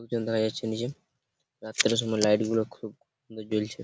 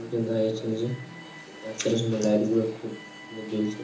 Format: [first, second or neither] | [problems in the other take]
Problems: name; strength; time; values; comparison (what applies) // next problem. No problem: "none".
first | background sound (Alarm); 17 dB below the speech // room echo; dies away in 0.7 s